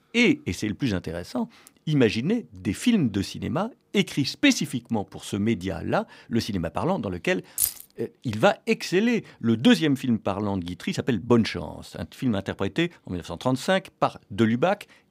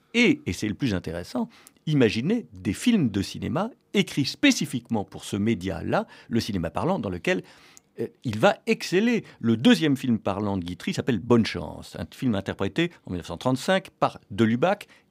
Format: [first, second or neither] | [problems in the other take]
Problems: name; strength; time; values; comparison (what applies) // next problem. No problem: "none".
second | jangling keys; loud; at 7.5 s; peak level with the speech